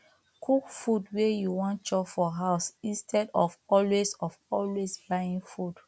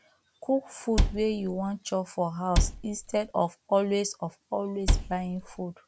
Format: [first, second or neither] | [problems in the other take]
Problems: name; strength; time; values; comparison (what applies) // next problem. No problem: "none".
first | background sound (Cupboard open or close); 2 dB above the speech